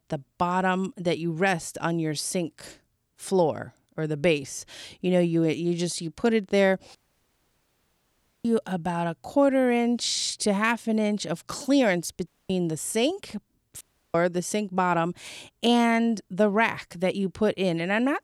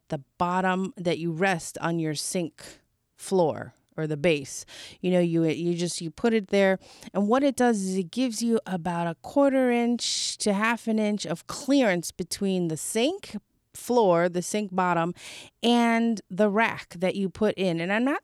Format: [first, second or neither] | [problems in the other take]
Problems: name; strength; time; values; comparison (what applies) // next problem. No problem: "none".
second | audio cutting out; at 7 s for 1.5 s, at 12 s and at 14 s